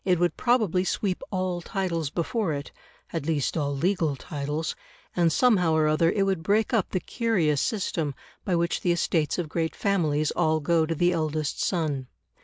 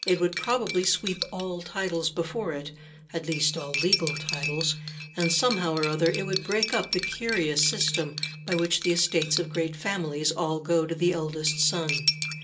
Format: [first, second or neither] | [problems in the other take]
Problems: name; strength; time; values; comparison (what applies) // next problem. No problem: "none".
first | background sound (Cutlery, silverware); 7 dB below the speech // room echo; dies away in 0.2 s